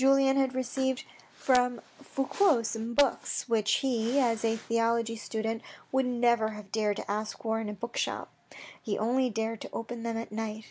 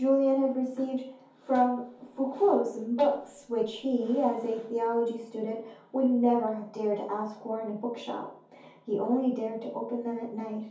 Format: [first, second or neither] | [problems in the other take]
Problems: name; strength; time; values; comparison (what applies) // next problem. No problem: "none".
first | room echo; dies away in 0.6 s